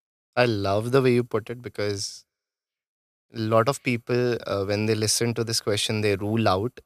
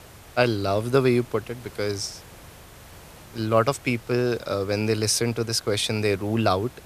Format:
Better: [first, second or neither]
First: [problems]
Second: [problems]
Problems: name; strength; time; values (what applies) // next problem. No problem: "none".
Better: first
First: none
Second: hiss; faint; throughout; 20 dB below the speech